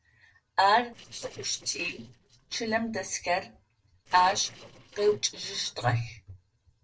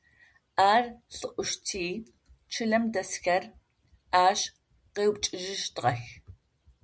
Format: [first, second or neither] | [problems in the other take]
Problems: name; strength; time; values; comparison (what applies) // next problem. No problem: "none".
second | noise reduction (neural separator model SepFormer DNS4)